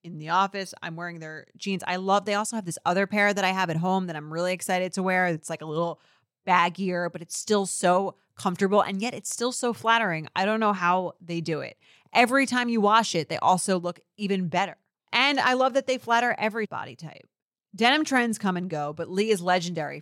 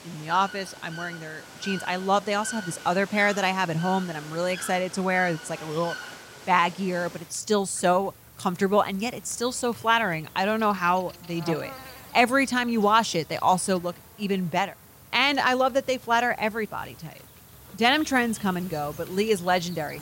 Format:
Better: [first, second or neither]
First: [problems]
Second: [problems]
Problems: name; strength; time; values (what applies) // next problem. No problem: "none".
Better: first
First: none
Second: animal sounds; noticeable; throughout; 15 dB below the speech